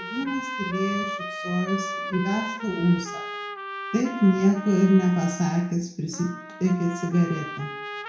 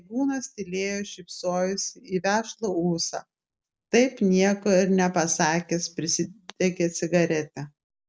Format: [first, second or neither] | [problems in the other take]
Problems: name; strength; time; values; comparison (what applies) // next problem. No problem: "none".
second | background sound (Trumpet); 9 dB below the speech // room echo; dies away in 0.6 s